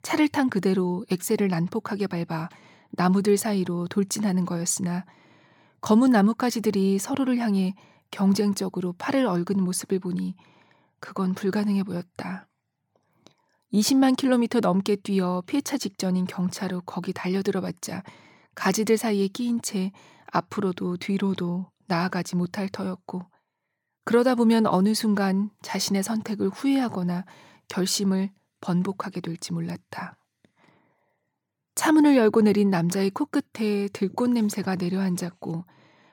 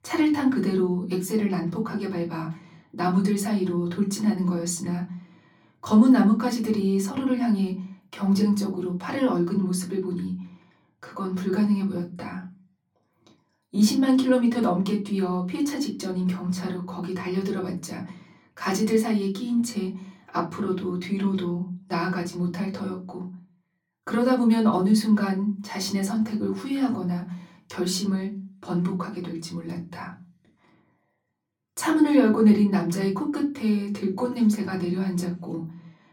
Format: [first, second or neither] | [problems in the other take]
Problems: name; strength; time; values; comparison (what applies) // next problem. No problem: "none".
first | off-mic speech; far // room echo; very slight; dies away in 0.4 s